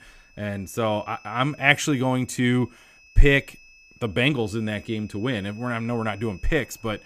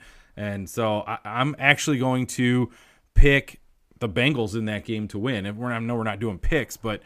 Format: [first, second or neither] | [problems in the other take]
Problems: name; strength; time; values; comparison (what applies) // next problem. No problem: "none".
second | high-pitched whine; faint; throughout; 2.5 kHz, 25 dB below the speech